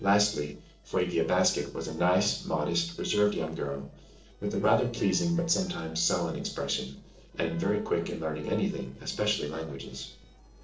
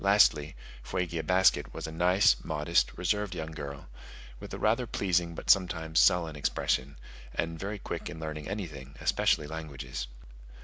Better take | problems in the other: second | noise reduction (neural separator model SepFormer DNS4)

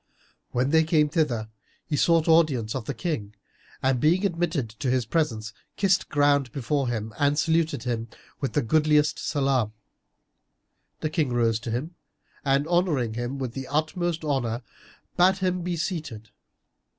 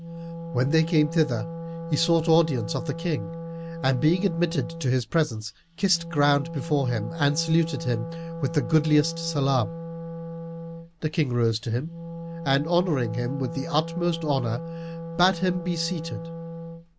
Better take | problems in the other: first | background sound (Wind instrument, woodwind instrument); 9 dB below the speech

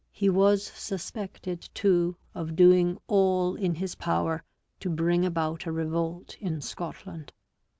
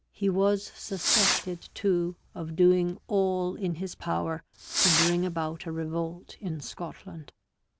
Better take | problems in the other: first | background sound (Fireworks); 3 dB below the speech

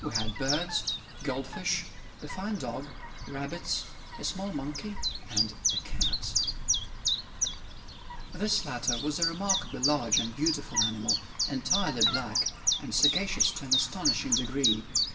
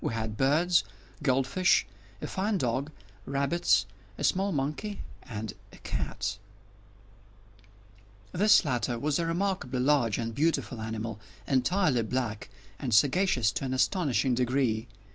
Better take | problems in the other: second | background sound (Chirp, tweet); 2 dB above the speech // room echo; dies away in 0.7 s

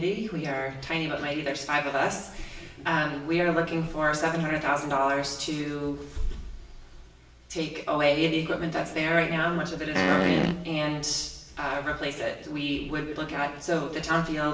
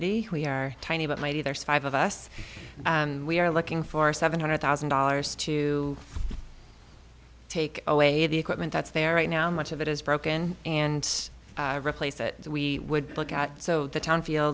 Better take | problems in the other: second | background sound (Fart); 3 dB above the speech // room echo; dies away in 0.8 s

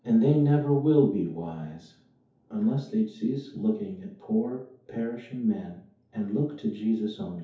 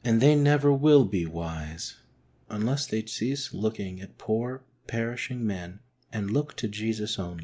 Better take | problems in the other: second | room echo; dies away in 0.5 s

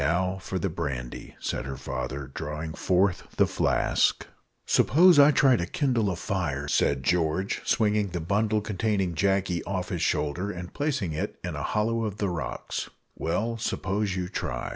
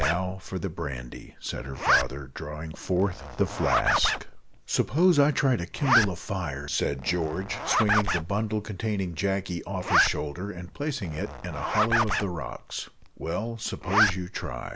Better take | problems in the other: first | background sound (Zipper (clothing)); 2 dB below the speech

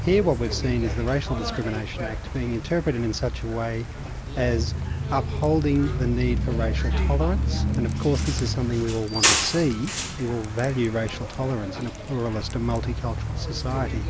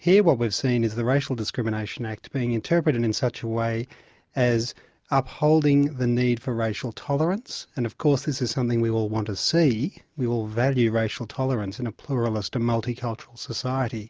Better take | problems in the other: second | background sound (Bus); 1 dB below the speech

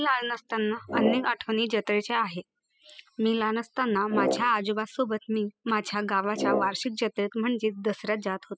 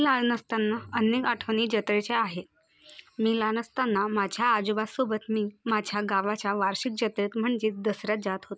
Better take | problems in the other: second | noise reduction (classical method spectral subtraction)

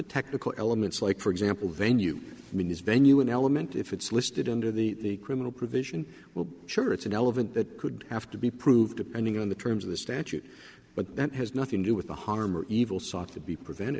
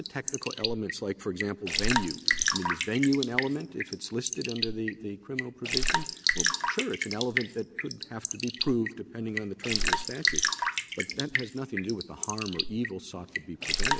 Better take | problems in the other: first | background sound (Raindrop / Drip); 2 dB above the speech

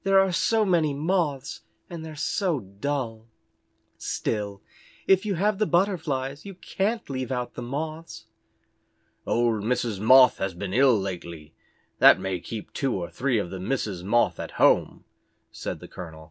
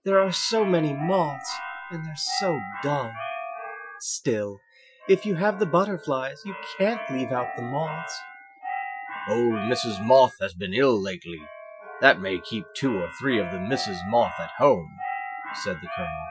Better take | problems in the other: first | noise reduction (classical method Wiener filter)

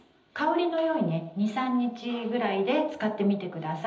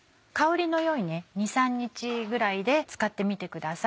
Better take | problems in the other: second | room echo; dies away in 1.2 s

